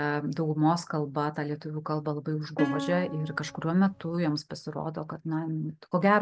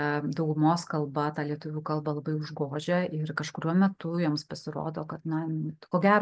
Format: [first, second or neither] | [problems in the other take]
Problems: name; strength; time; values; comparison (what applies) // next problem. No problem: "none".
second | background sound (Plucked string instrument); 6 dB below the speech